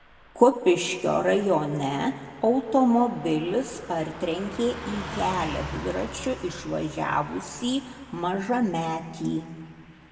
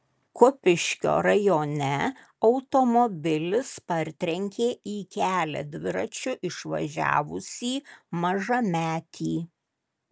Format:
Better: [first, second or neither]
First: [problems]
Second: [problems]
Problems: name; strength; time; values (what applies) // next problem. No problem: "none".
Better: second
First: background sound (Car passing by / Truck); 15 dB below the speech // room echo; dies away in 1.6 s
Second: none